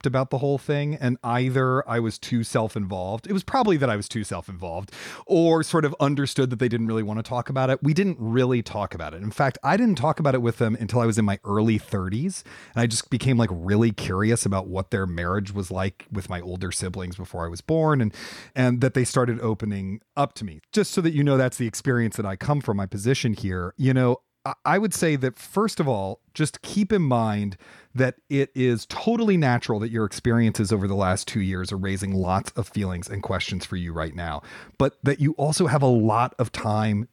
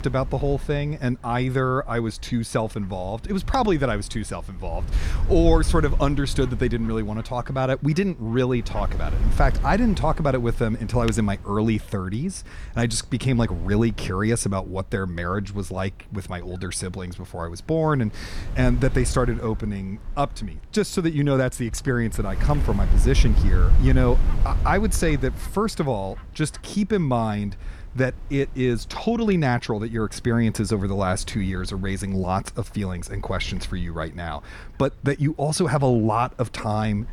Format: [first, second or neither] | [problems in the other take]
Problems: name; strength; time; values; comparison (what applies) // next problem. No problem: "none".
first | wind noise on the microphone; occasional gusts; 15 dB below the speech